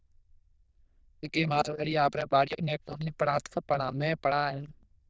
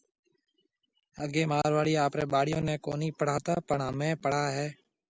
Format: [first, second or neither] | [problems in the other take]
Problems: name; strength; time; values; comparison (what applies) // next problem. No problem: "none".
second | noise reduction (neural diffusion model UNIVERSE++)